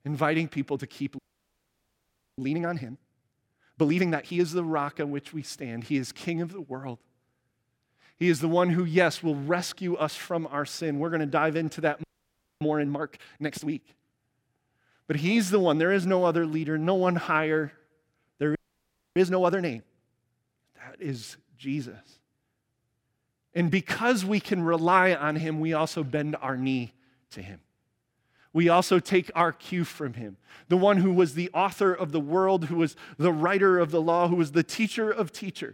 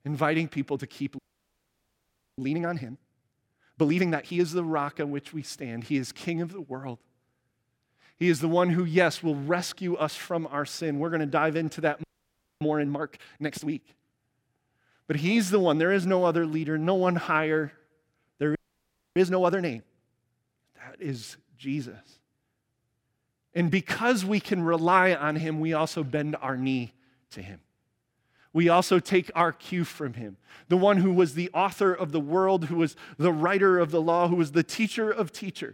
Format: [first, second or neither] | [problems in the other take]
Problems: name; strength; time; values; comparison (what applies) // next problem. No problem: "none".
neither | audio freezing; at 1 s for 1 s, at 12 s for 0.5 s and at 19 s for 0.5 s; the same in both